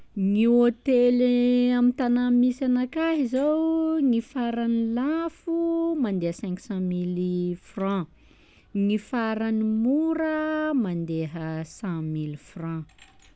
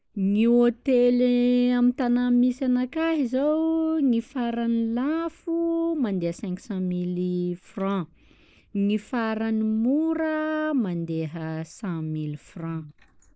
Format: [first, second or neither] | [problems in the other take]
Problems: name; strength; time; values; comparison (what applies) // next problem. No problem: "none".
first | noise reduction (neural mask model Resemble Enhance denoiser)